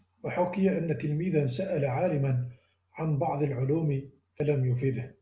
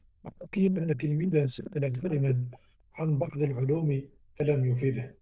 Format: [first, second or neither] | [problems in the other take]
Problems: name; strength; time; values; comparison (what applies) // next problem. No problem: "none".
first | noise reduction (neural diffusion model UNIVERSE++)